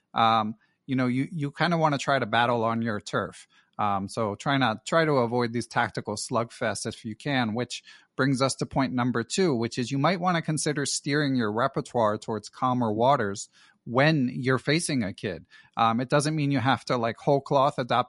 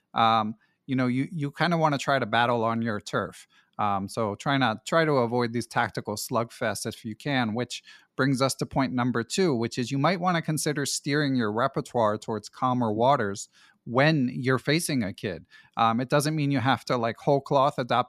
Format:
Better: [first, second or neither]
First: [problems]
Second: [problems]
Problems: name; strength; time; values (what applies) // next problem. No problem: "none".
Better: second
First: garbled, watery; slightly; nothing above 11 kHz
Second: none